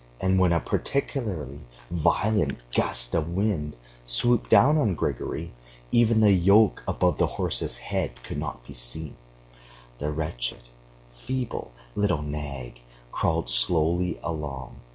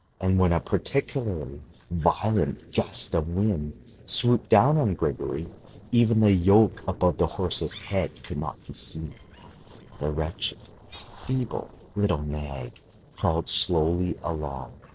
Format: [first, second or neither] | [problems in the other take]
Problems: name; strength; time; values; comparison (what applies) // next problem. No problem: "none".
first | noise reduction (neural separator model SepFormer DNS4)